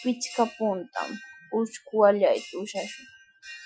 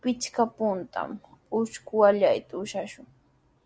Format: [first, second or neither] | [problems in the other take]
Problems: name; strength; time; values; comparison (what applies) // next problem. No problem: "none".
second | noise reduction (classical method Wiener filter)